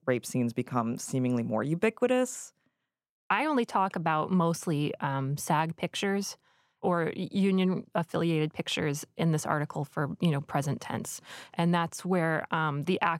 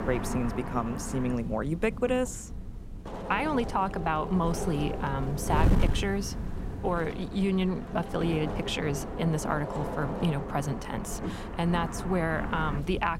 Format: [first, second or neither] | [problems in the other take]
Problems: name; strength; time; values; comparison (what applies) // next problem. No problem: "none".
first | wind noise on the microphone; heavy; 7 dB below the speech